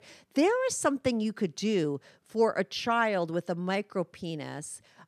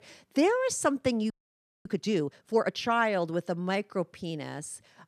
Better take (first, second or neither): first